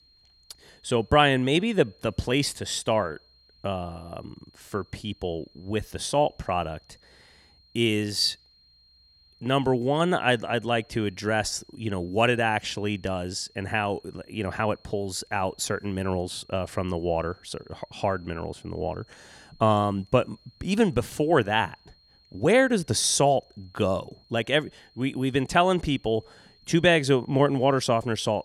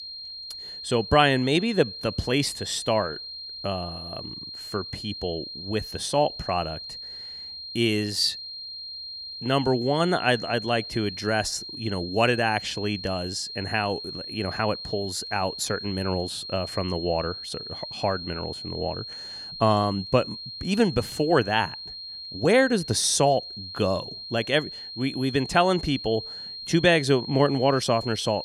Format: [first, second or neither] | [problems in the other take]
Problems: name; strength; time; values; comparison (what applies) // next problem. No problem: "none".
first | high-pitched whine; loud; throughout; 4 kHz, 10 dB below the speech; faint in the first